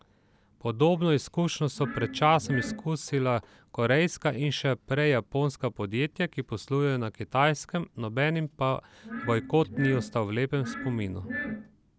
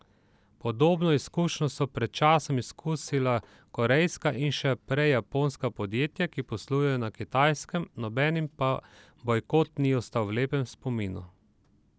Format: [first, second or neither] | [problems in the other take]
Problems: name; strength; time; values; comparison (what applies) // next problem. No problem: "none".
second | background sound (Glass); 9 dB below the speech